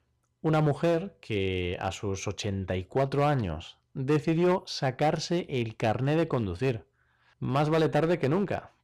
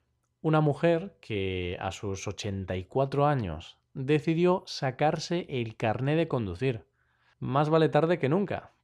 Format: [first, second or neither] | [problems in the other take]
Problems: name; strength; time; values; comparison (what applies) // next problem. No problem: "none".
second | distortion; slight; 7% of the sound clipped